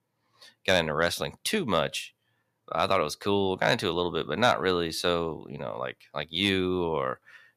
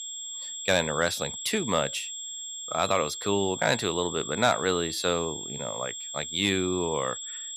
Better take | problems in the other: first | high-pitched whine; loud; throughout; 7.5 kHz, 6 dB below the speech

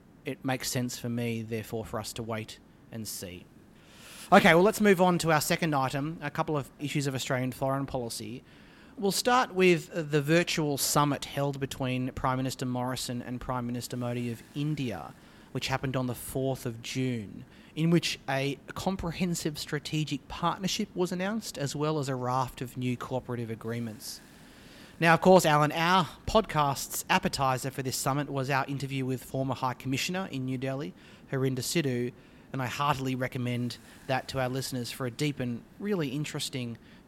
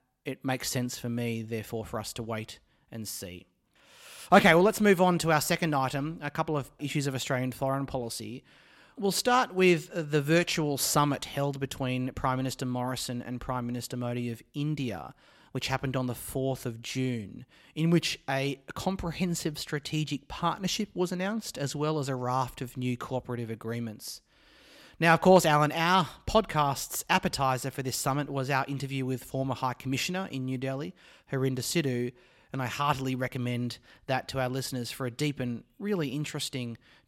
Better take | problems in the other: second | hiss; faint; throughout; 25 dB below the speech

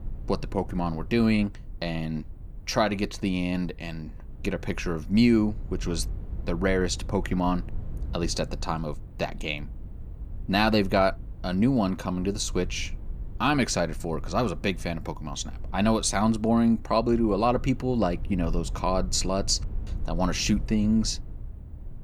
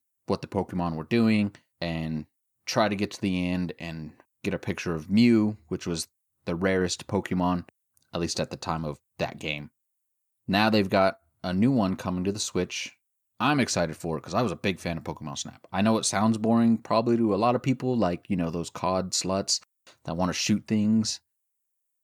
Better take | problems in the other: second | low rumble; faint; throughout; 25 dB below the speech

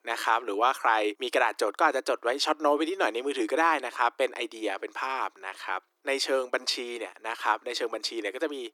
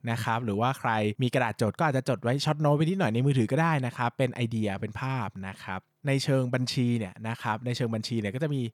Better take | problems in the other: second | thin; very; fading below 300 Hz

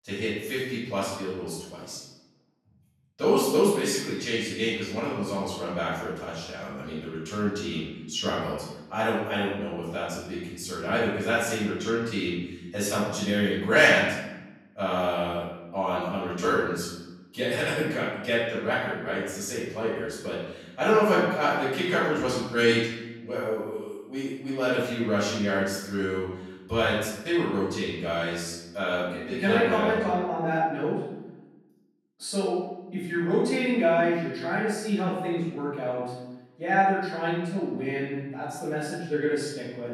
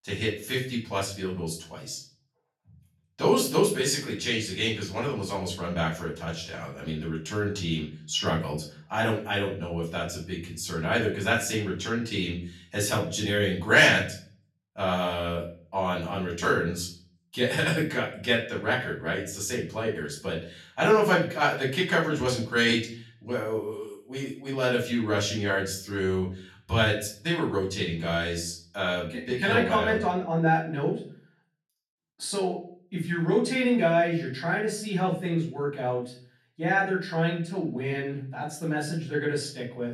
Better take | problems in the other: second | room echo; strong; dies away in 0.9 s; slight in the second // off-mic speech; far; far in the second

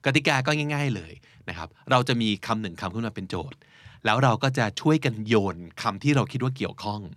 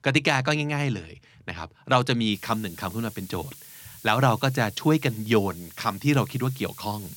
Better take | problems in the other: first | hiss; noticeable; from 2.5 s on; 20 dB below the speech

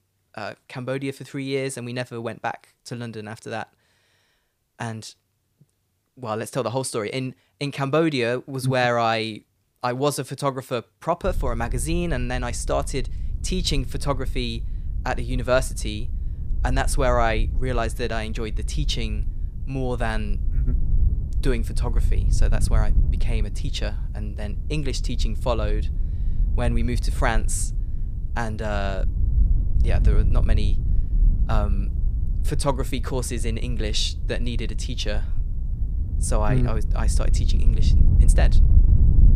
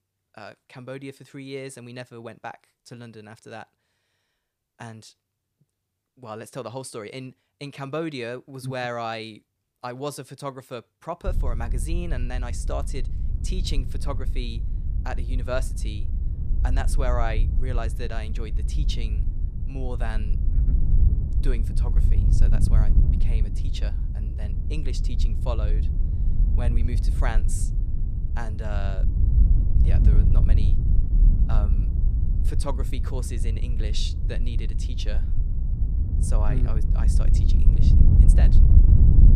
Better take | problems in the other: first | wind noise on the microphone; heavy; from 11 s on; 6 dB below the speech; occasional gusts in the first

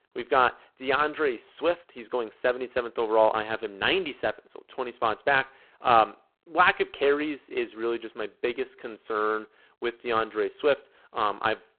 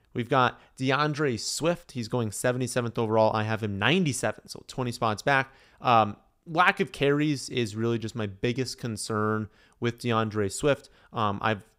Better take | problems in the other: second | phone-call audio; poor line

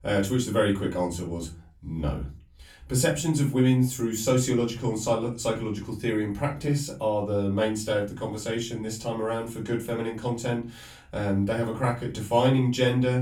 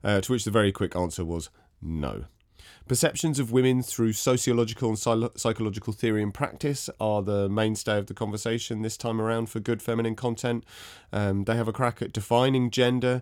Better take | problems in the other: second | off-mic speech; far // room echo; very slight; dies away in 0.3 s

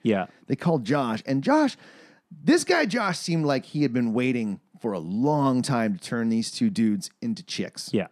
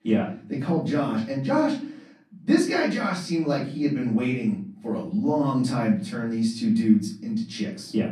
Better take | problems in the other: first | room echo; slight; dies away in 0.5 s // off-mic speech; far

